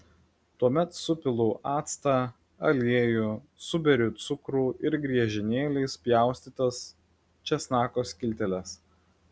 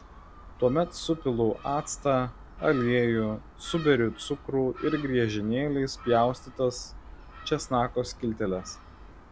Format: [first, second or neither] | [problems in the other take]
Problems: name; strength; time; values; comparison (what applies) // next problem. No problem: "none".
first | background sound (Gull, seagull); 17 dB below the speech